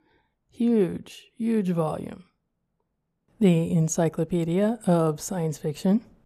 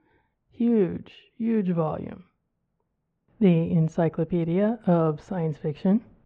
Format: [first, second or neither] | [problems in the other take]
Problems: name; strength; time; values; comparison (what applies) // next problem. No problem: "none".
first | muffled; very; fading above 3 kHz